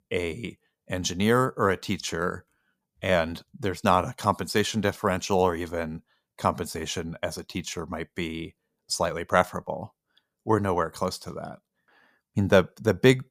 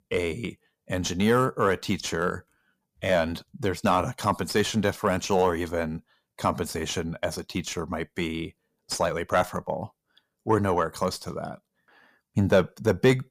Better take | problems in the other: first | distortion; slight; 10 dB below the speech

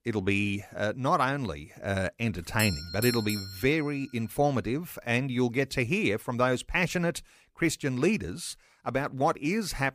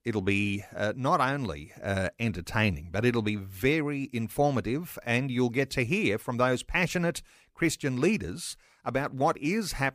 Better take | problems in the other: second | doorbell; noticeable; from 2.5 to 3.5 s; peak 4 dB below the speech

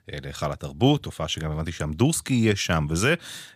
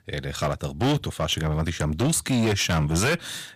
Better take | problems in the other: first | distortion; heavy; 12% of the sound clipped

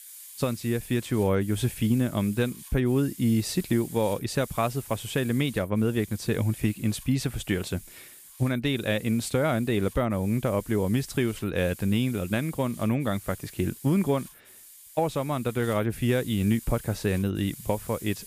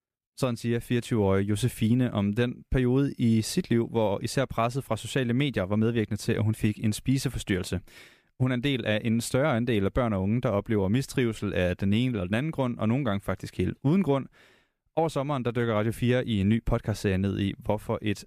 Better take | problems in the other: second | hiss; noticeable; throughout; 15 dB below the speech

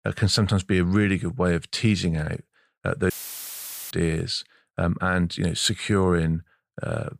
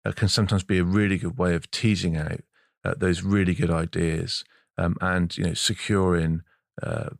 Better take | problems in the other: second | audio cutting out; filled with static; at 3 s for 1 s

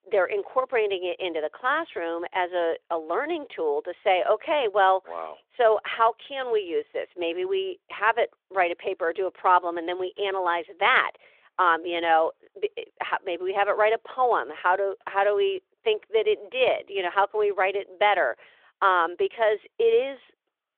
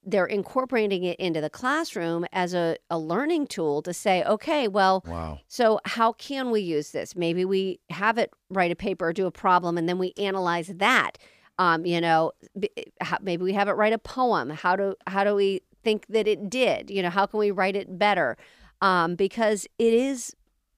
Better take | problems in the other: second | phone-call audio

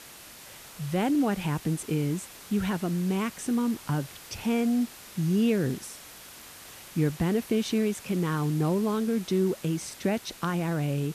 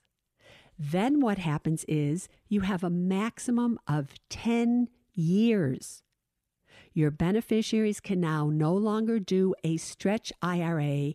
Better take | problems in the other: second | hiss; noticeable; throughout; 15 dB below the speech

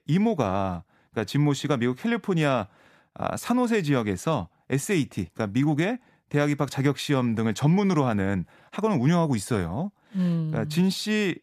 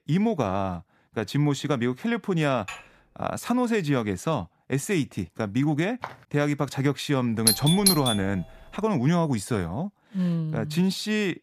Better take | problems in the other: first | clattering dishes; faint; at 2.5 s; peak 15 dB below the speech // footsteps; faint; at 6 s; peak 15 dB below the speech // doorbell; loud; at 7.5 s; peak 5 dB above the speech

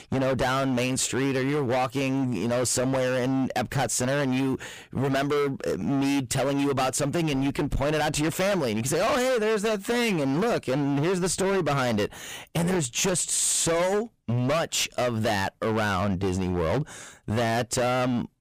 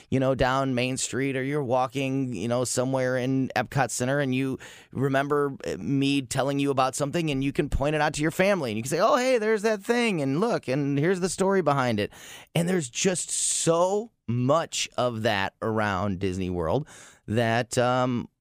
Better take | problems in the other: second | distortion; heavy; 29% of the sound clipped

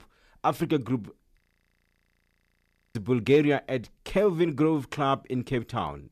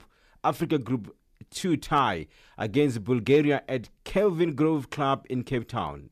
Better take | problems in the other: second | audio freezing; at 1.5 s for 1.5 s

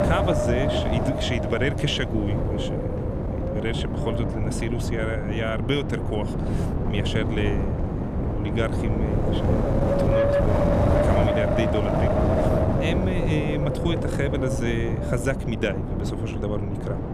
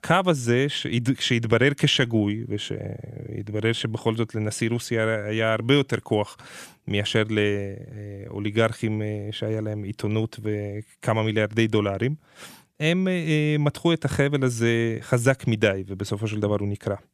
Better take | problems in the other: second | wind noise on the microphone; heavy; 3 dB above the speech

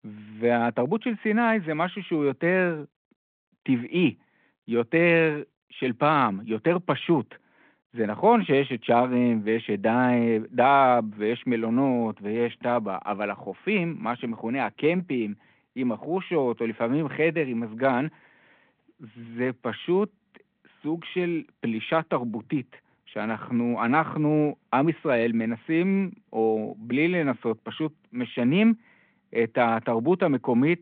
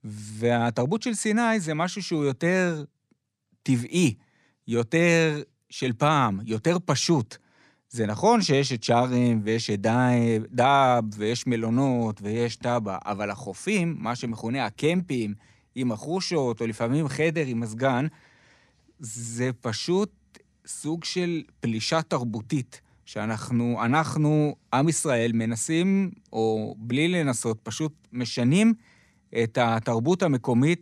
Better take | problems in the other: second | phone-call audio; nothing above 3.5 kHz

